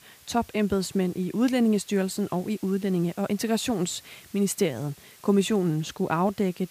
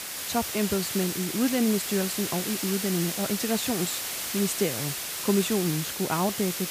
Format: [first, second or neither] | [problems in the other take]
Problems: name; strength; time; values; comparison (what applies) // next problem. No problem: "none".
first | hiss; loud; throughout; 2 dB below the speech; faint in the first